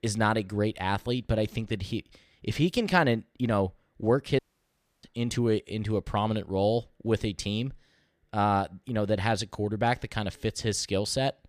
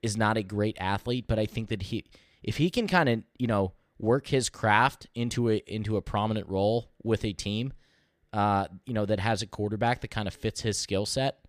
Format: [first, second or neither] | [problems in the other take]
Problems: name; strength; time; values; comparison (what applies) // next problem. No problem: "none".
second | audio cutting out; at 4.5 s for 0.5 s